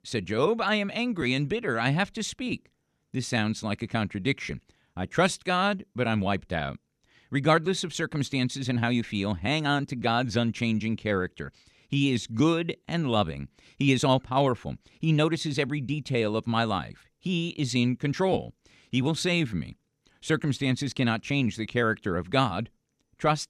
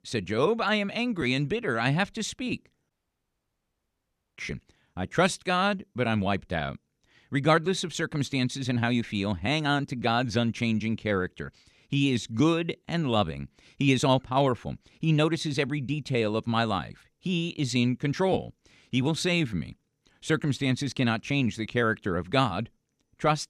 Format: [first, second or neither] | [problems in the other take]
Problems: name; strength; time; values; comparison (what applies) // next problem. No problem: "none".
first | audio cutting out; at 3 s for 1.5 s